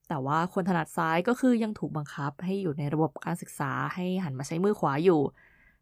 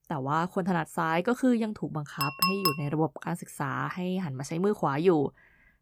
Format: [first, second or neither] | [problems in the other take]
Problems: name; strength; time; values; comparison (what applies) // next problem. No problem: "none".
first | clattering dishes; loud; at 2 s; peak 3 dB above the speech